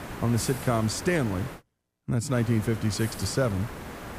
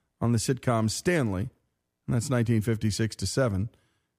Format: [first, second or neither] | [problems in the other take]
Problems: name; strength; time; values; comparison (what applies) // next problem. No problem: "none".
second | hiss; noticeable; until 1.5 s and from 2.5 s on; 10 dB below the speech